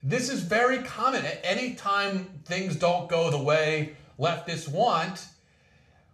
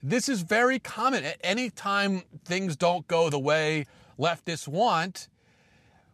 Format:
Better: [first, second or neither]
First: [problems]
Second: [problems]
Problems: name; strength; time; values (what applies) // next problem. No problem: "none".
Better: second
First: room echo; slight; dies away in 0.4 s // off-mic speech; somewhat distant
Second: none